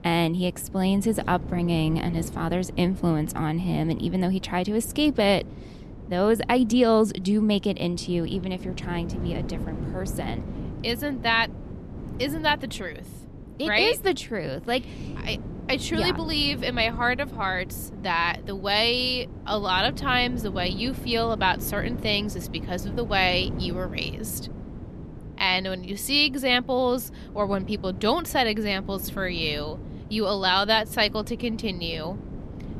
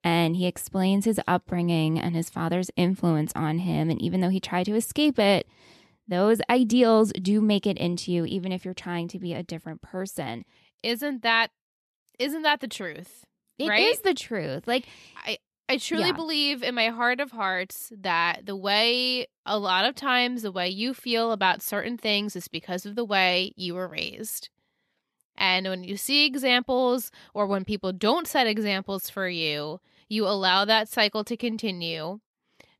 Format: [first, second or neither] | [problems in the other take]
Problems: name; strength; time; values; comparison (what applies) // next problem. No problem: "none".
second | wind noise on the microphone; occasional gusts; 20 dB below the speech